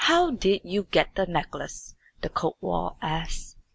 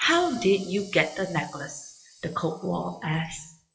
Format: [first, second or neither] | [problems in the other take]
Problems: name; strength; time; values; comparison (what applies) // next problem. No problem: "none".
first | noise reduction (classical method WPE with log-MMSE)